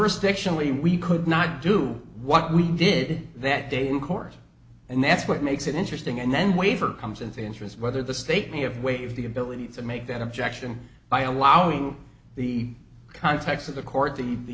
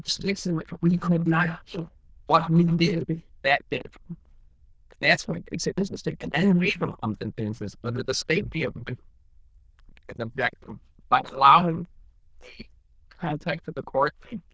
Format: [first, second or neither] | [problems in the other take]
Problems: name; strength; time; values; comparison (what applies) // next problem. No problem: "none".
first | noise reduction (neural diffusion model UNIVERSE++)